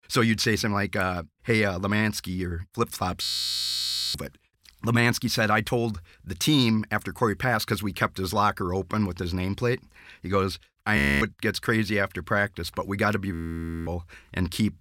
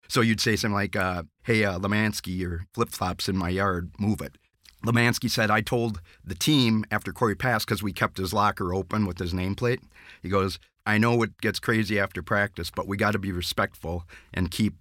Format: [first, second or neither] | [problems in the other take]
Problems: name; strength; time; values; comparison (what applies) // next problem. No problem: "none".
second | audio freezing; at 3 s for 1 s, at 11 s and at 13 s for 0.5 s